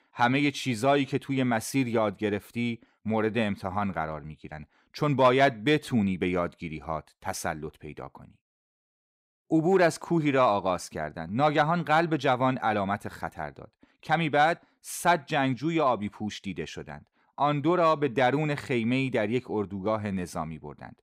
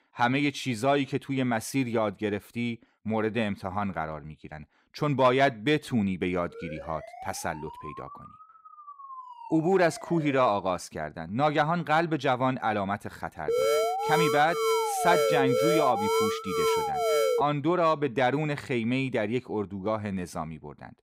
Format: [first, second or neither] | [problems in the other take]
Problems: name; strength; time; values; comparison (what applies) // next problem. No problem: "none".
first | siren; faint; from 6.5 to 10 s; peak 15 dB below the speech // alarm; loud; from 13 to 17 s; peak 3 dB above the speech